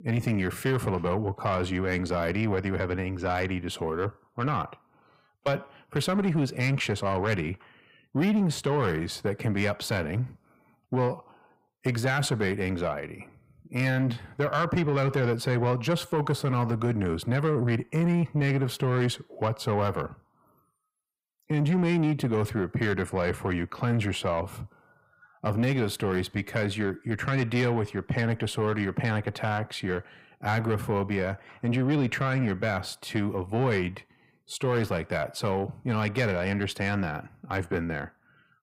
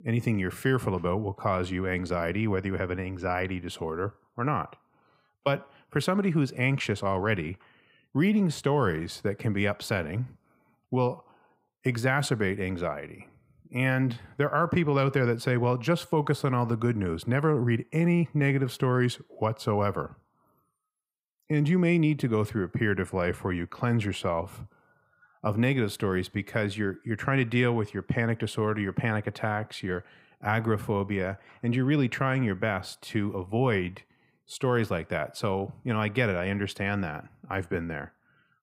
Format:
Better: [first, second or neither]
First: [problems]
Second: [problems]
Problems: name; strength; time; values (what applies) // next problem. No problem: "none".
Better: second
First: distortion; slight; 10 dB below the speech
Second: none